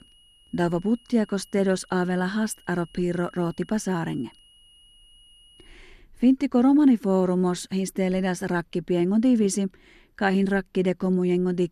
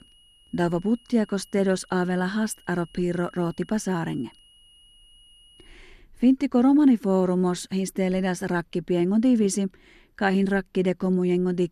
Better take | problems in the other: neither | high-pitched whine; faint; until 5.5 s; 3 kHz, 30 dB below the speech; the same in both

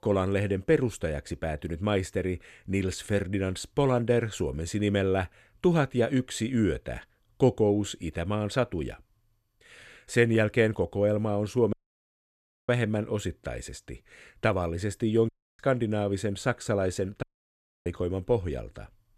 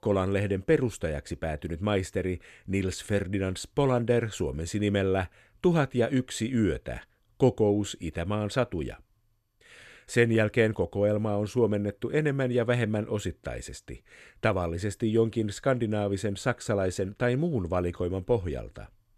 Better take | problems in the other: second | audio cutting out; at 12 s for 1 s, at 15 s and at 17 s for 0.5 s

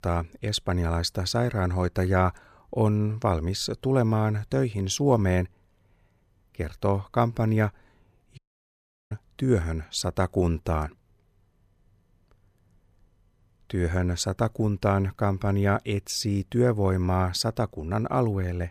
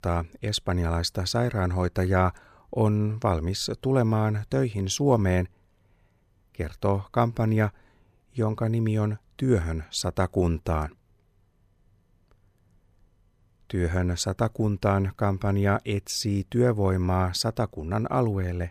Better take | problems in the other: second | audio cutting out; at 8.5 s for 0.5 s

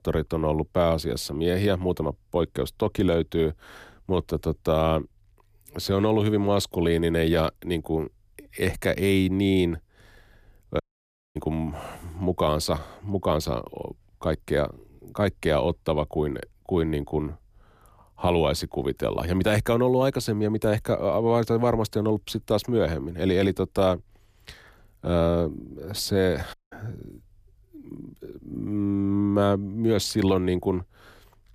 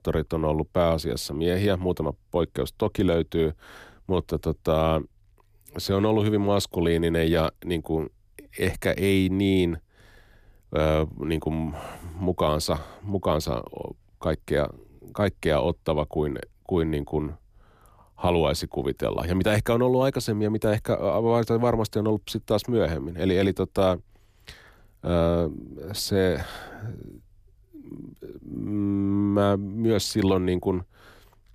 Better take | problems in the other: second | audio cutting out; at 11 s for 0.5 s and at 27 s

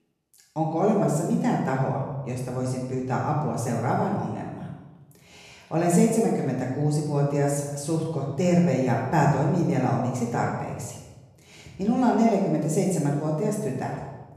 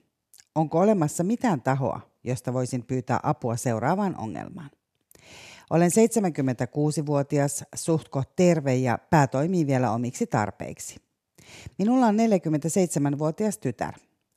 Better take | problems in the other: second | room echo; noticeable; dies away in 1 s // off-mic speech; far

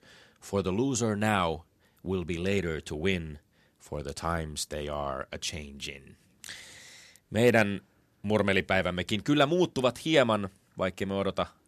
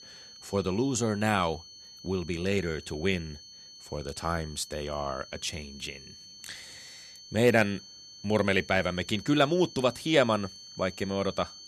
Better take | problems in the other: first | high-pitched whine; noticeable; throughout; 4.5 kHz, 15 dB below the speech

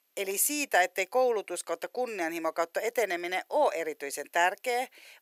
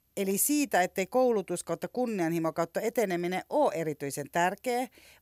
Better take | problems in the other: second | thin; somewhat; fading below 400 Hz

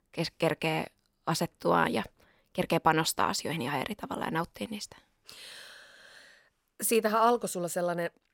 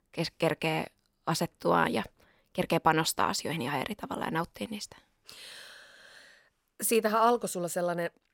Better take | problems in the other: neither | none

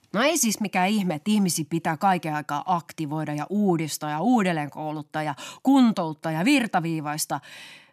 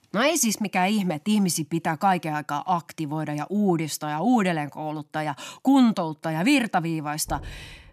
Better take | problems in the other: first | door banging; faint; at 7.5 s; peak 15 dB below the speech

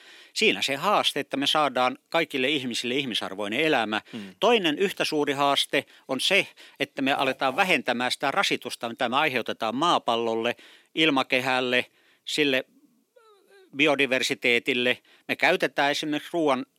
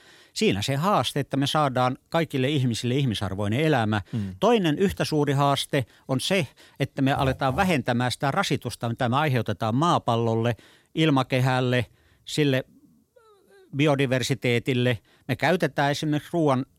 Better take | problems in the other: second | thin; very slightly; fading below 250 Hz

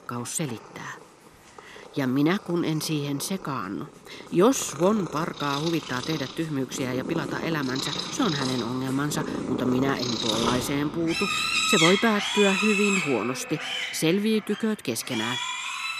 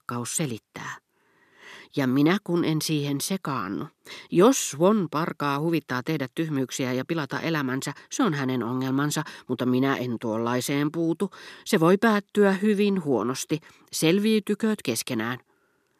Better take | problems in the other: second | animal sounds; loud; throughout; 1 dB below the speech

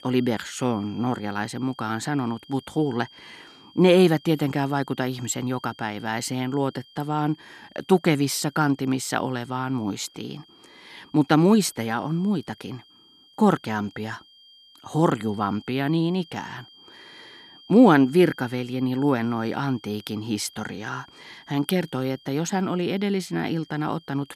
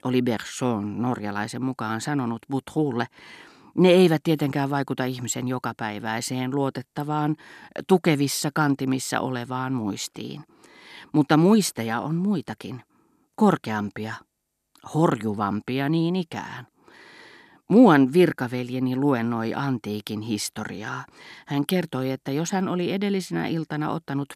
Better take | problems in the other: second | high-pitched whine; faint; throughout; 3 kHz, 25 dB below the speech

